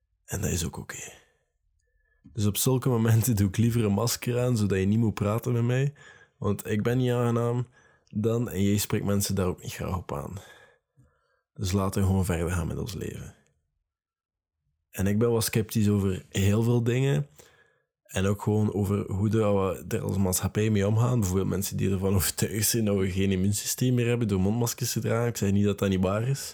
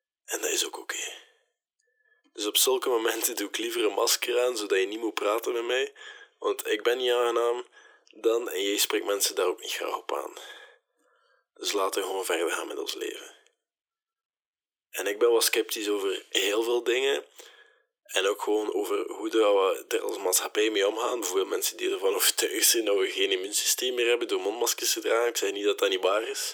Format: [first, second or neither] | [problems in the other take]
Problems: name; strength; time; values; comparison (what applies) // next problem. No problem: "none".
first | thin; very; fading below 300 Hz